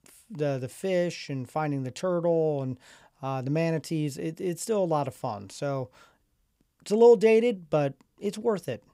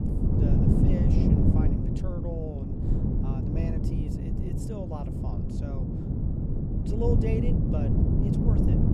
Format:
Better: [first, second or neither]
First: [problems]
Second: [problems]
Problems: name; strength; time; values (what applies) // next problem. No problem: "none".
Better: first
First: none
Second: wind noise on the microphone; heavy; 4 dB above the speech